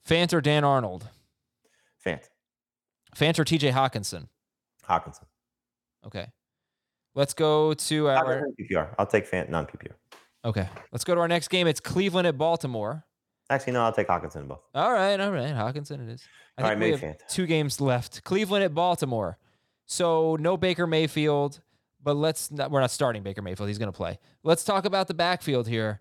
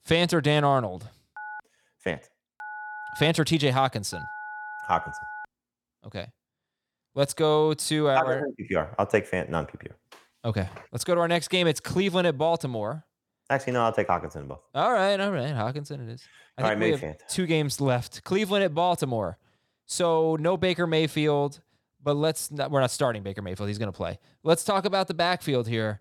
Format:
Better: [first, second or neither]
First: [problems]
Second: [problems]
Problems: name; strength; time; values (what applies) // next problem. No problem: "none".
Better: first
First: none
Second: phone ringing; faint; from 1.5 to 5.5 s; peak 10 dB below the speech